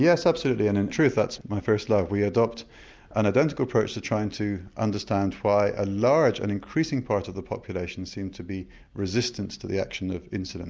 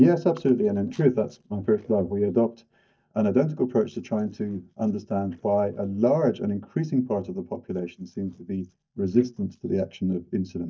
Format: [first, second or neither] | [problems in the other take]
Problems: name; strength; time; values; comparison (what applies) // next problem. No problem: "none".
first | noise reduction (neural mask model DeepFilterNet 3)